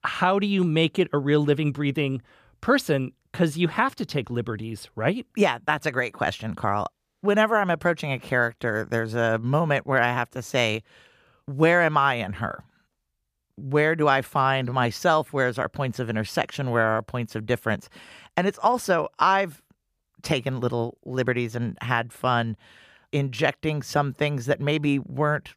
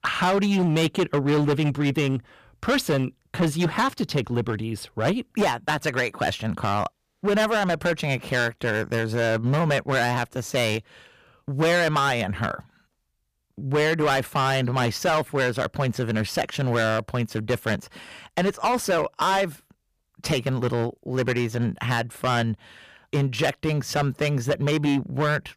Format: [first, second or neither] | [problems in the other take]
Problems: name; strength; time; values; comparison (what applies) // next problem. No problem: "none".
first | distortion; heavy; 11% of the sound clipped